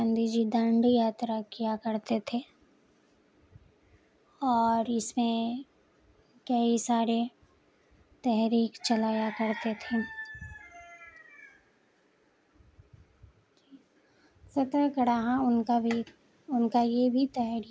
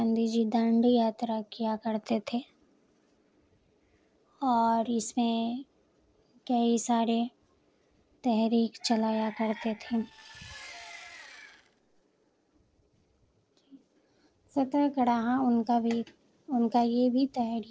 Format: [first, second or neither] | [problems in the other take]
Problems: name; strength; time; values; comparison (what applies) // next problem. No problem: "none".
first | noise reduction (neural separator model SepFormer DNS4)